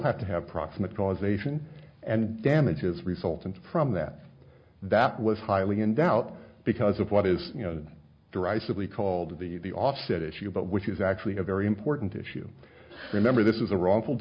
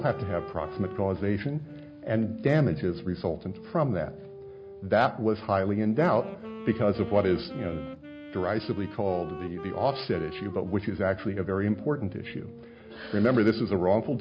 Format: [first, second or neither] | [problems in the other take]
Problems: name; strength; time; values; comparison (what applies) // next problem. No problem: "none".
first | background sound (Wind instrument, woodwind instrument); 15 dB below the speech